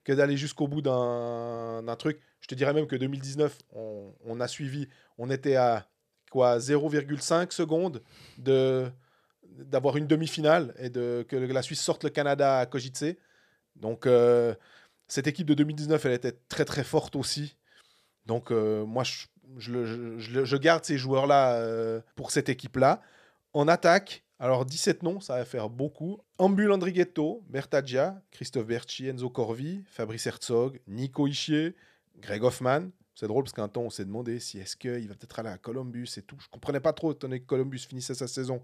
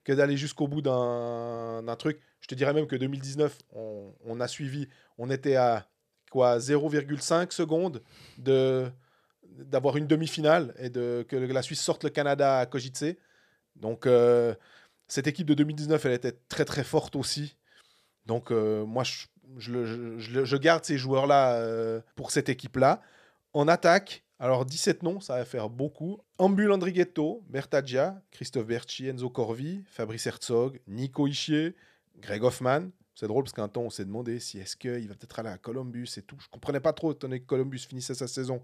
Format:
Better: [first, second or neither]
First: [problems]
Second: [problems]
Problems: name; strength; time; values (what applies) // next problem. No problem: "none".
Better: neither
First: none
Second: none